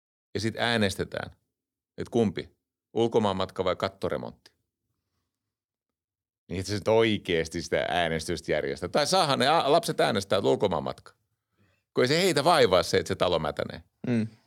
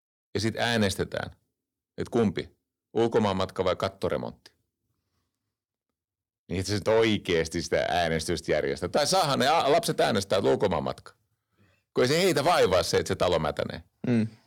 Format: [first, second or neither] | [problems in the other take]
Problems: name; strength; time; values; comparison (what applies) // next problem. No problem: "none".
first | distortion; slight; 10 dB below the speech